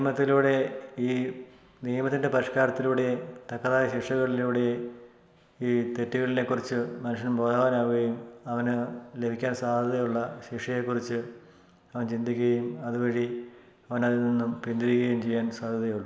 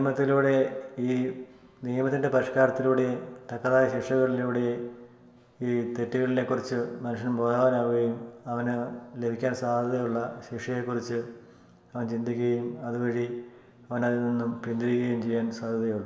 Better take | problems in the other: first | room echo; dies away in 2 s

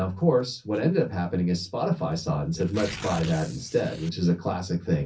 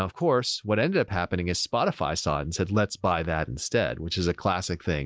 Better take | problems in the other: second | background sound (Tearing); 18 dB below the speech // room echo; dies away in 0.3 s

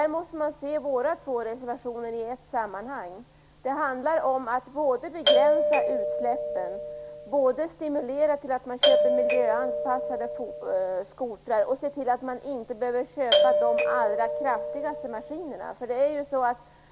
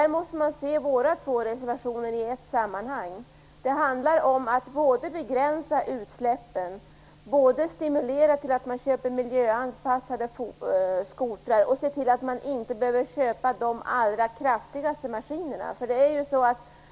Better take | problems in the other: second | background sound (Doorbell); 3 dB above the speech

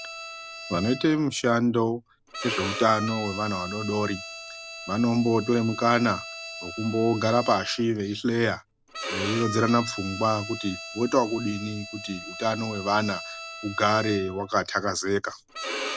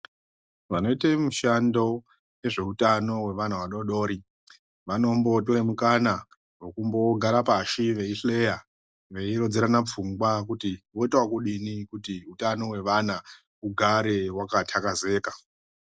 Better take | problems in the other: second | background sound (Bowed string instrument); 11 dB below the speech

